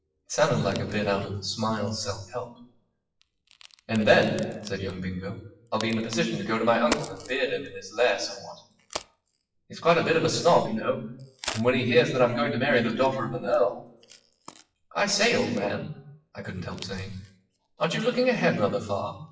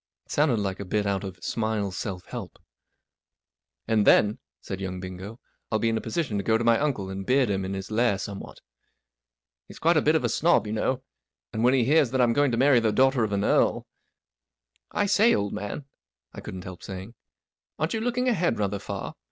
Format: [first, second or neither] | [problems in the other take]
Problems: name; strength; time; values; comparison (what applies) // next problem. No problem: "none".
second | noise reduction (classical method WPE with log-MMSE)